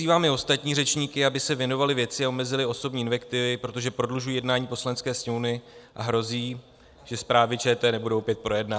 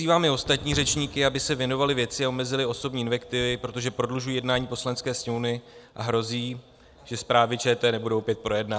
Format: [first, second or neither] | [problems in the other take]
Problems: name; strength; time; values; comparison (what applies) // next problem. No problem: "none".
first | background sound (Fireworks); 20 dB below the speech